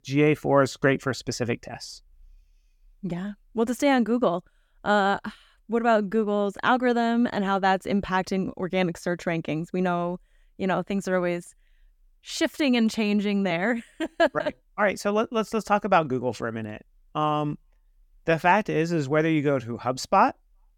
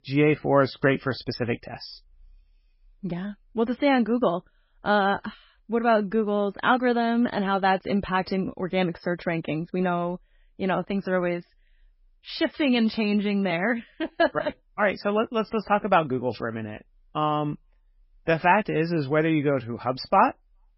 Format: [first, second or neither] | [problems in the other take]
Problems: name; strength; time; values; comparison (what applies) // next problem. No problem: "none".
first | garbled, watery; badly; nothing above 5.5 kHz